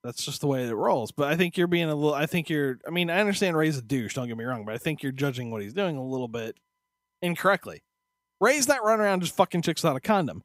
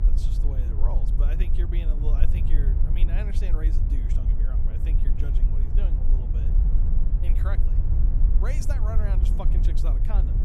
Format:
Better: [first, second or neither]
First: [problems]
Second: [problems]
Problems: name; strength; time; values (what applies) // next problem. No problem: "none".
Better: first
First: none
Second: low rumble; loud; throughout; 2 dB below the speech